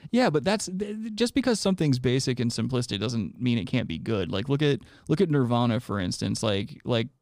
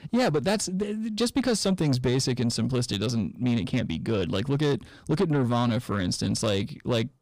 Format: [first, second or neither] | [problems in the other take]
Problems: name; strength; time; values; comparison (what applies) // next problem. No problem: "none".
first | distortion; slight; 10 dB below the speech